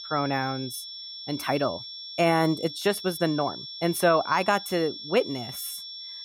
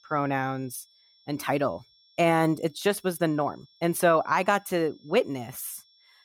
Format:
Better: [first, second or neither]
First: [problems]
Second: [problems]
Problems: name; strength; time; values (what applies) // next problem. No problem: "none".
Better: second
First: high-pitched whine; loud; throughout; 5.5 kHz, 10 dB below the speech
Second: high-pitched whine; faint; throughout; 5.5 kHz, 30 dB below the speech